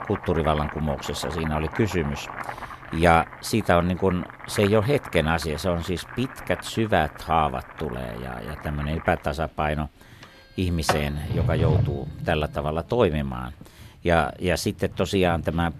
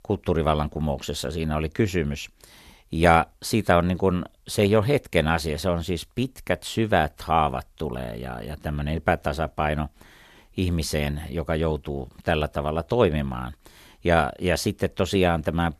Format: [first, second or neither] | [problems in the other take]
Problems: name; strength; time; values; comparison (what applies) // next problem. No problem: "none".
second | household noises; loud; throughout; 9 dB below the speech